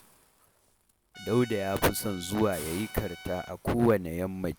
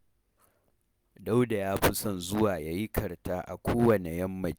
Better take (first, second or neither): second